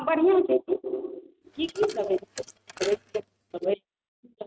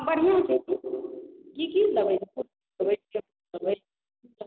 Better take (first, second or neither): second